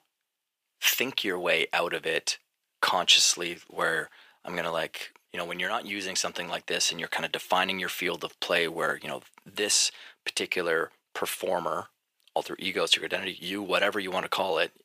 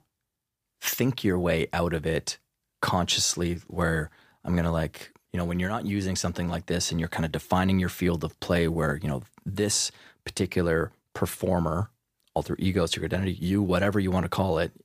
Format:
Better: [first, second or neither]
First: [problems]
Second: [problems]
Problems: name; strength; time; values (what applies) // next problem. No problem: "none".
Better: second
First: thin; very; fading below 500 Hz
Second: none